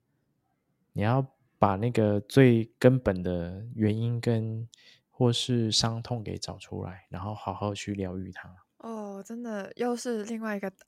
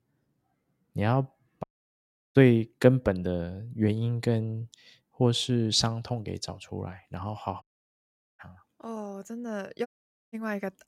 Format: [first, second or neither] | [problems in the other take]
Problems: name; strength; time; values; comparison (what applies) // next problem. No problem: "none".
first | audio cutting out; at 1.5 s for 0.5 s, at 7.5 s for 1 s and at 10 s